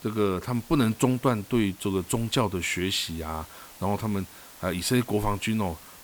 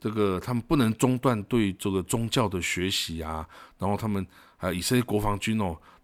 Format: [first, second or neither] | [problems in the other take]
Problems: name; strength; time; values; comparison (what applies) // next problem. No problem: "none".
second | hiss; noticeable; throughout; 20 dB below the speech